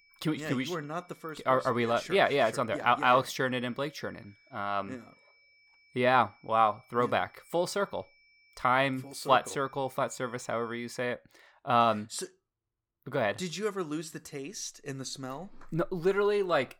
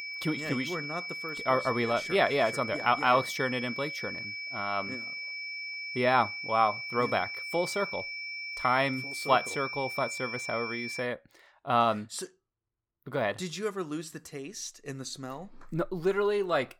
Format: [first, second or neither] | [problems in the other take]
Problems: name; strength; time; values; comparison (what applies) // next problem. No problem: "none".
first | high-pitched whine; loud; until 11 s; 2.5 kHz, 6 dB below the speech; faint in the first